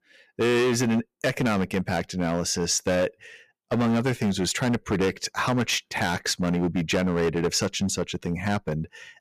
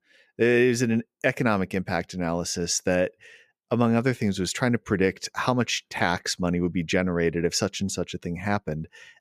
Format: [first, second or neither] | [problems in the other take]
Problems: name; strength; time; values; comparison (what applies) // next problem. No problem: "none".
second | distortion; heavy; 13% of the sound clipped